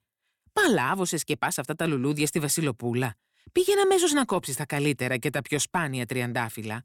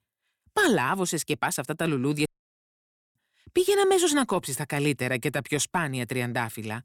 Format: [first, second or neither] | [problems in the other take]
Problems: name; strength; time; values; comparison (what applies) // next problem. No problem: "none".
first | audio cutting out; at 2.5 s for 1 s